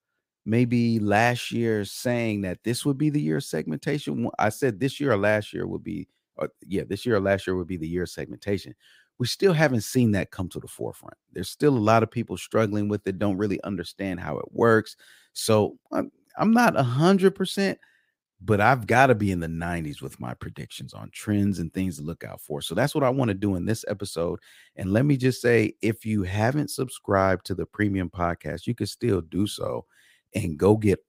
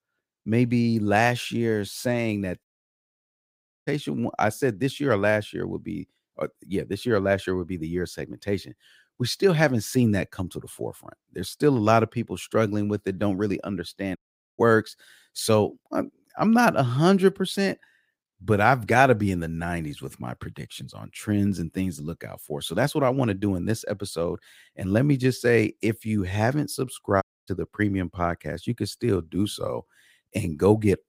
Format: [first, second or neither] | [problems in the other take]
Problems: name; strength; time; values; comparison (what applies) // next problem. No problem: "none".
first | audio cutting out; at 2.5 s for 1 s, at 14 s and at 27 s